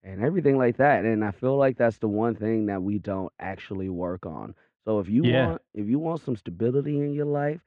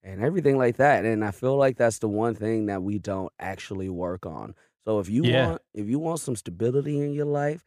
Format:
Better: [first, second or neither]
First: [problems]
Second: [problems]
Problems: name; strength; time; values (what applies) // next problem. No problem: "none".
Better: second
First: muffled; very; fading above 3 kHz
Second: none